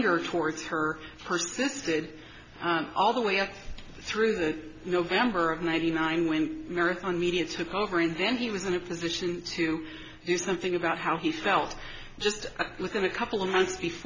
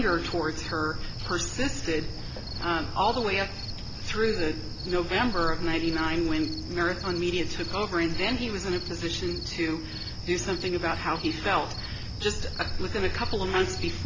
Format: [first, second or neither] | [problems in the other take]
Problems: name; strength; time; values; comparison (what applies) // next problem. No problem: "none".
first | background sound (Cricket); 4 dB below the speech